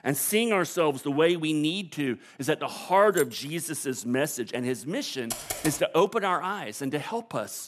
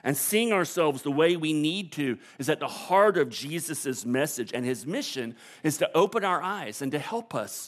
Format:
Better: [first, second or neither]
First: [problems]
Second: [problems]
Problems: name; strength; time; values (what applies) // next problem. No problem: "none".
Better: second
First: jangling keys; faint; at 3 s; peak 10 dB below the speech // keyboard typing; noticeable; at 5.5 s; peak 5 dB below the speech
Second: none